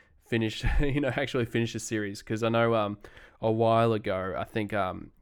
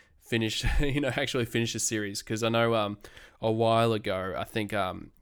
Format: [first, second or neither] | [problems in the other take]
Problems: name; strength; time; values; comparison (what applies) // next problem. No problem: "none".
second | muffled; slightly; fading above 3 kHz